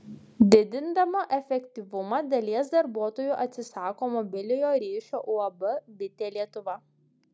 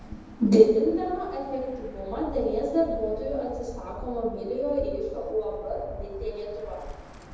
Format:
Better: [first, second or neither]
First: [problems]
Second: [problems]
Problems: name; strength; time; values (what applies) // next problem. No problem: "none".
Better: first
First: none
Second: background sound (Bird); 14 dB below the speech // room echo; dies away in 1.1 s